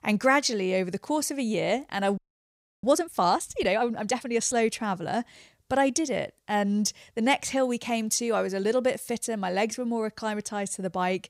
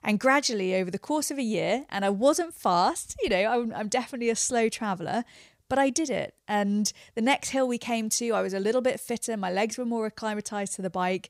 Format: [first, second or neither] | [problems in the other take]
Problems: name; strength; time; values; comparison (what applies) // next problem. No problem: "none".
second | audio freezing; at 2 s for 0.5 s